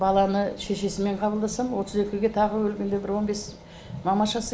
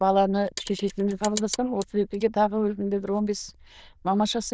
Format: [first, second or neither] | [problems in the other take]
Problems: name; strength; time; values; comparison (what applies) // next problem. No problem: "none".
first | noise reduction (neural diffusion model UNIVERSE++)